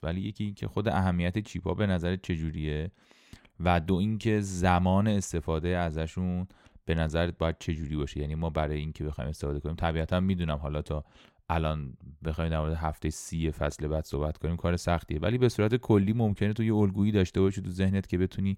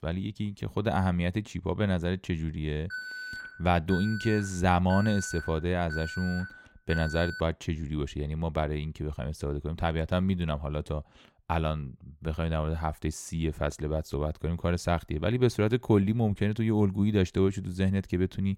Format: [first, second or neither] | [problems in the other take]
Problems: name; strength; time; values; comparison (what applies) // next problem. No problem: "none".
first | alarm; noticeable; from 3 to 7.5 s; peak 7 dB below the speech